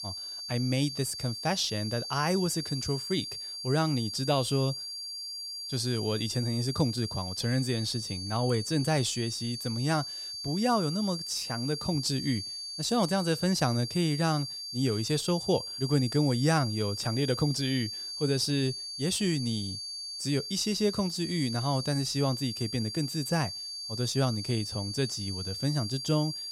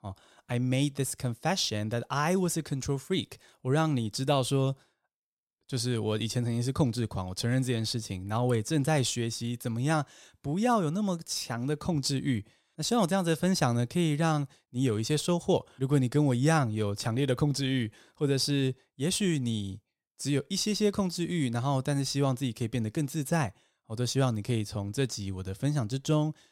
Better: second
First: high-pitched whine; loud; throughout; 4.5 kHz, 6 dB below the speech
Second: none

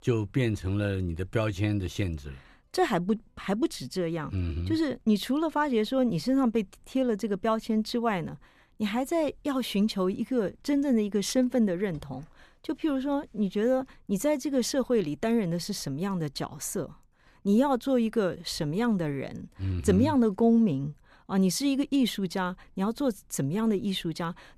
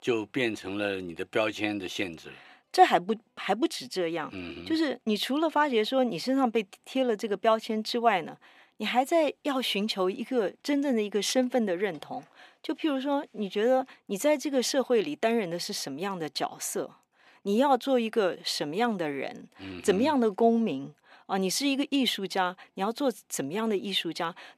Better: first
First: none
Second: thin; somewhat; fading below 350 Hz

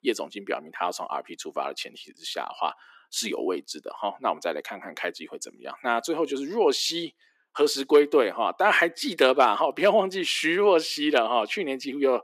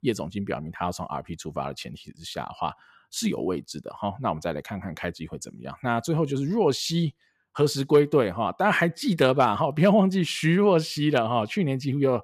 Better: second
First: thin; somewhat; fading below 300 Hz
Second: none

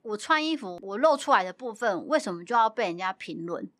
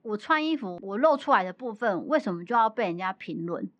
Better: first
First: none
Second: muffled; slightly; fading above 3 kHz

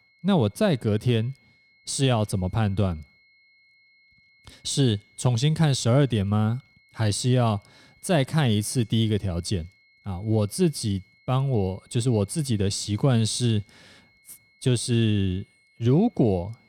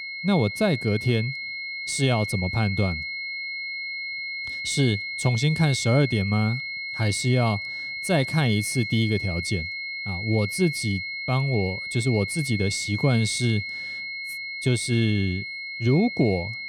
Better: first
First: high-pitched whine; faint; throughout; 2 kHz, 35 dB below the speech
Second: high-pitched whine; loud; throughout; 2 kHz, 5 dB below the speech

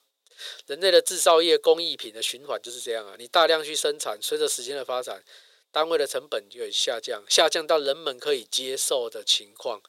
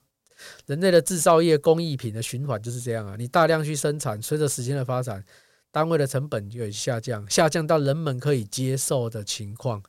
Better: second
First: thin; very; fading below 400 Hz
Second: none

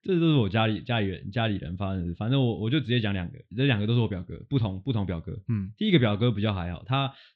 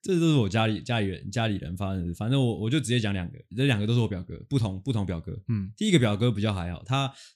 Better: second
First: muffled; very slightly; fading above 3.5 kHz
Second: none

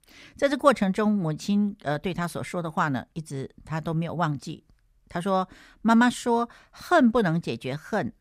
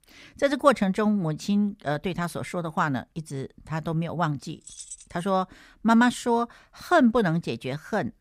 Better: first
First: none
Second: jangling keys; faint; at 4.5 s; peak 15 dB below the speech

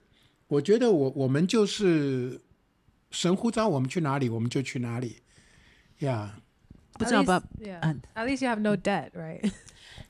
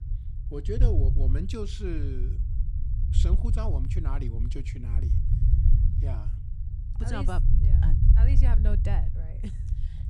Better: first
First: none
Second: low rumble; loud; throughout; 4 dB below the speech

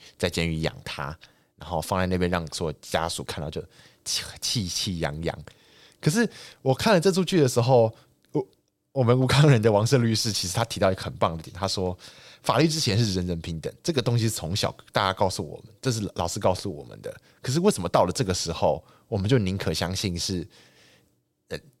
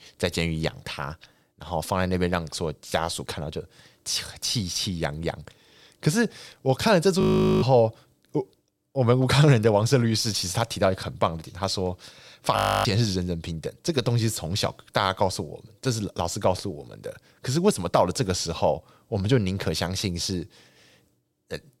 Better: first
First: none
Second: audio freezing; at 7 s and at 13 s

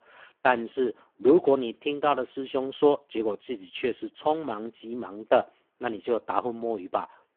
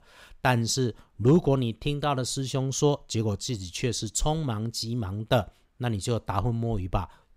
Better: second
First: phone-call audio; poor line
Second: none

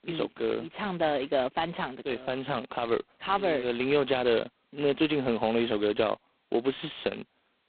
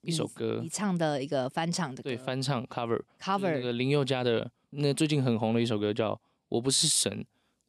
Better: second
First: phone-call audio; poor line; nothing above 4 kHz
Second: none

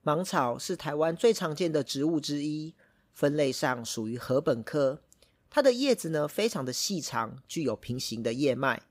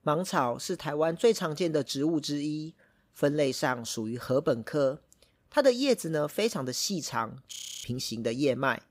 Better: first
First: none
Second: audio freezing; at 7.5 s

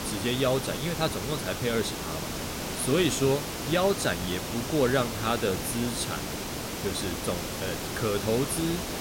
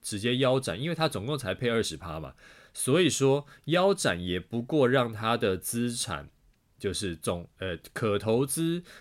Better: second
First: hiss; loud; throughout; 4 dB below the speech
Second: none

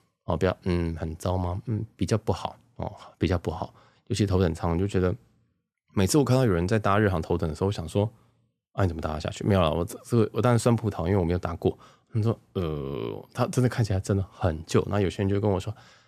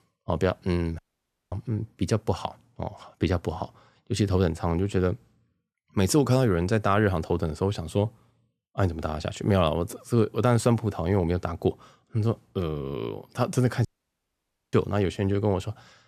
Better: first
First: none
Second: audio cutting out; at 1 s for 0.5 s and at 14 s for 1 s

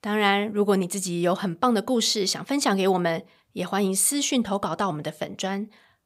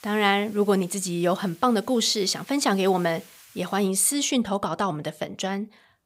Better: first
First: none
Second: hiss; faint; until 4 s; 25 dB below the speech

